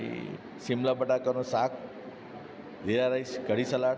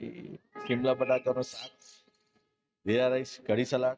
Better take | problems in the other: first | noise reduction (neural mask model RNNoise)

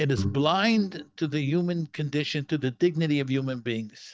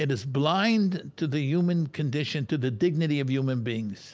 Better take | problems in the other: second | noise reduction (neural mask model DeepFilterNet 3)

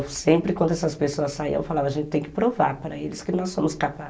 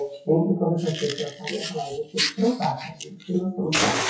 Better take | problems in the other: first | noise reduction (classical method WPE with log-MMSE)

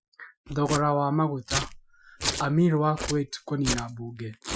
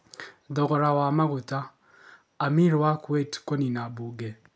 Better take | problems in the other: second | noise reduction (classical method Wiener filter)

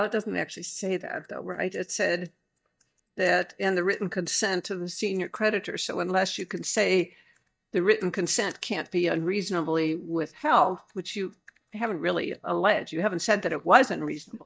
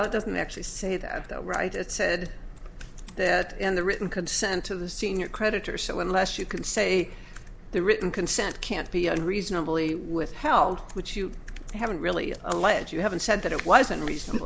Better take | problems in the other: second | noise reduction (neural mask model DeepFilterNet 3)

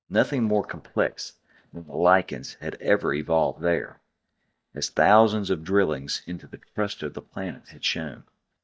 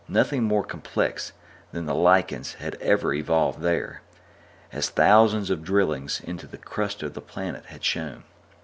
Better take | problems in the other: second | noise reduction (neural mask model DeepFilterNet 3)

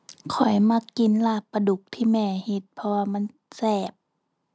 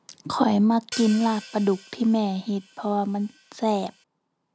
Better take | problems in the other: first | background sound (Hi-hat); 18 dB below the speech

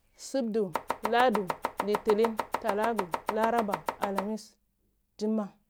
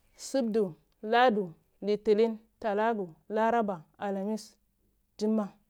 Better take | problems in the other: second | background sound (Domestic sounds, home sounds); 3 dB below the speech

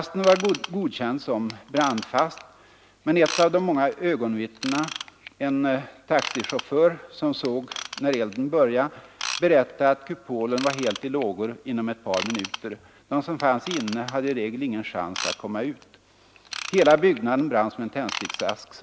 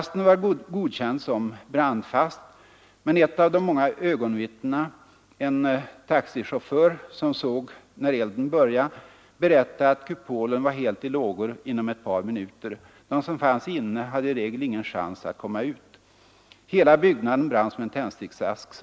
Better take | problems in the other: second | background sound (Ratchet, pawl / Tools); 13 dB below the speech

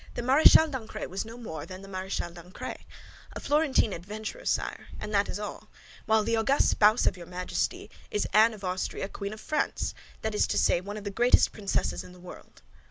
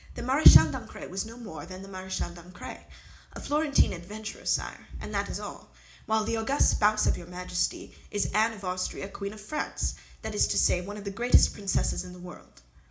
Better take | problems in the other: first | room echo; dies away in 0.4 s

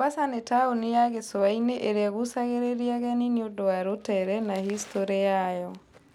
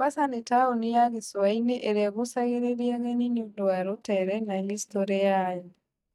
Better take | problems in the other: first | noise reduction (neural mask model DeepFilterNet 3)

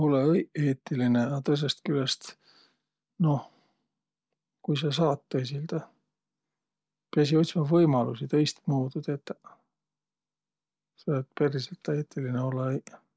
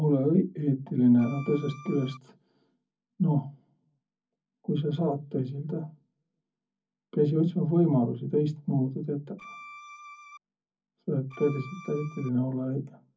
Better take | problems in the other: first | background sound (Bowed string instrument); 17 dB below the speech // room echo; dies away in 0.3 s

